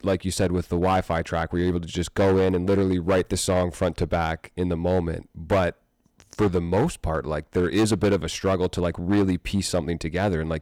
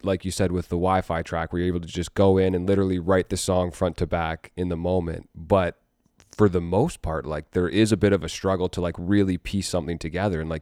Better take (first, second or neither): second